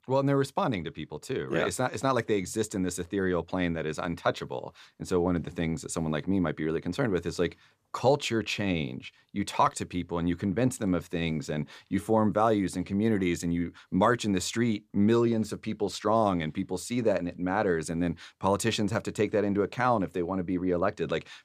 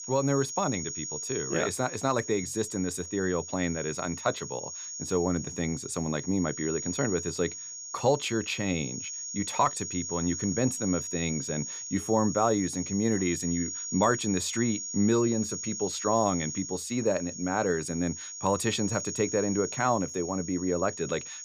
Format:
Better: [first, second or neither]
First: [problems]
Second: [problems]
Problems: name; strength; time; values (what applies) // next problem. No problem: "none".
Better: first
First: none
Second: high-pitched whine; loud; throughout; 6.5 kHz, 6 dB below the speech